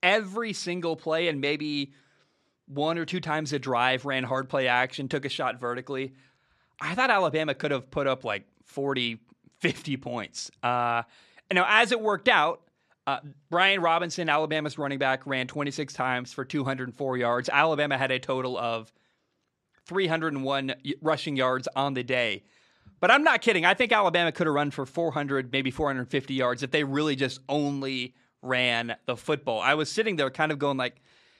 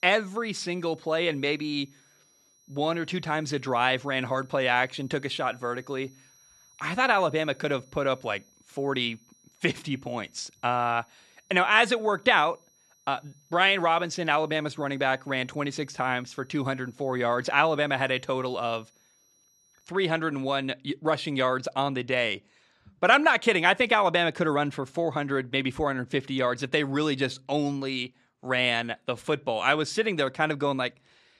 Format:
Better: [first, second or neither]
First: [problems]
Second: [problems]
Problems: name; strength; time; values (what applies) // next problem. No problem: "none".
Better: first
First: none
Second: high-pitched whine; faint; until 20 s; 6 kHz, 35 dB below the speech